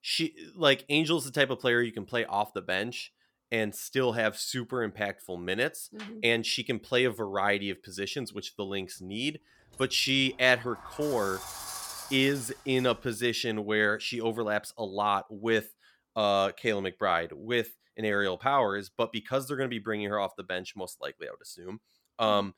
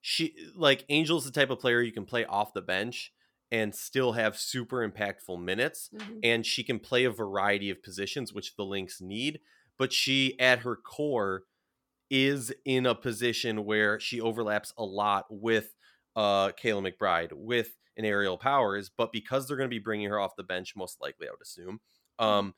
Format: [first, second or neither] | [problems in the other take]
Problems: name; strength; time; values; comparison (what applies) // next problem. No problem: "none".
second | door banging; noticeable; from 9.5 to 13 s; peak 7 dB below the speech